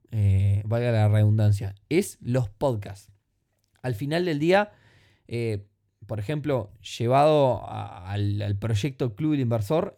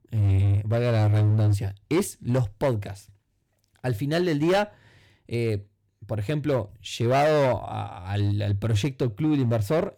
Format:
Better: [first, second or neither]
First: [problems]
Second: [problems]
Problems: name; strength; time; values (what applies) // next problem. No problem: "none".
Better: first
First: none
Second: distortion; slight; 11% of the sound clipped